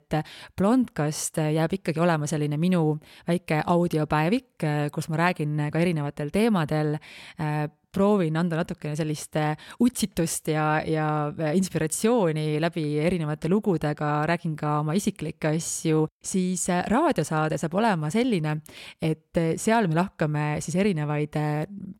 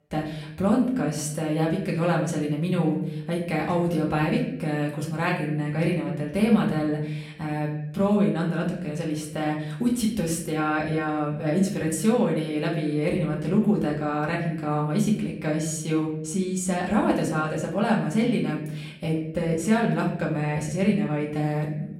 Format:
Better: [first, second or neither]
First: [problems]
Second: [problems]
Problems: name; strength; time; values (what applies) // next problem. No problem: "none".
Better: first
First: none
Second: off-mic speech; far // room echo; slight; dies away in 0.7 s